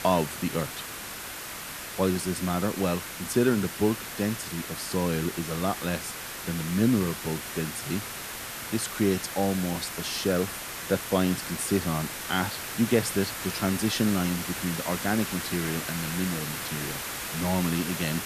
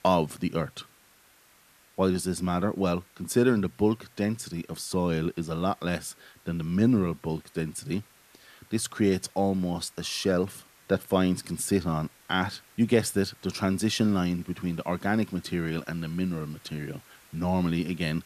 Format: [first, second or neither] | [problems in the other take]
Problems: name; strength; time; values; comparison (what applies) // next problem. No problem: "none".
second | hiss; loud; throughout; 5 dB below the speech; faint in the second